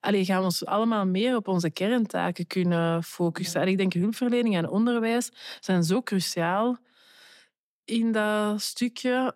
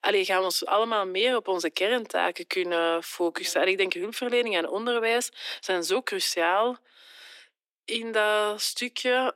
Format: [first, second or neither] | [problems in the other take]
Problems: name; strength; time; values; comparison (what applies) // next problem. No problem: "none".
first | thin; very; fading below 300 Hz